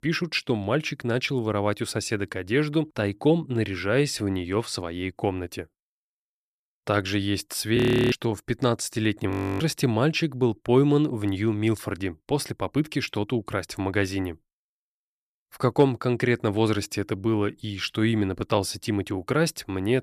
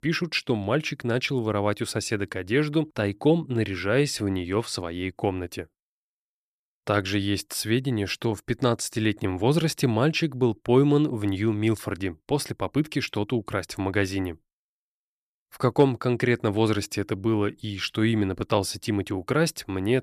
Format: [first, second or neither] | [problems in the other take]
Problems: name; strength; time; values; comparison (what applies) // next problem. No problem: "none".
second | audio freezing; at 8 s and at 9.5 s